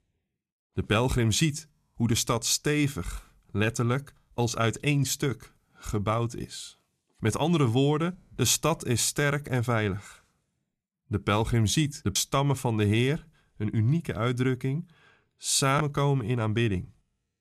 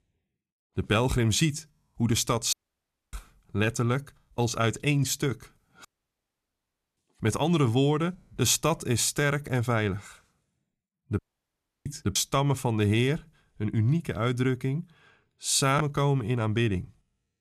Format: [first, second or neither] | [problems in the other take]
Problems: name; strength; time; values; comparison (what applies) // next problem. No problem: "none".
first | audio cutting out; at 2.5 s for 0.5 s, at 6 s for 1 s and at 11 s for 0.5 s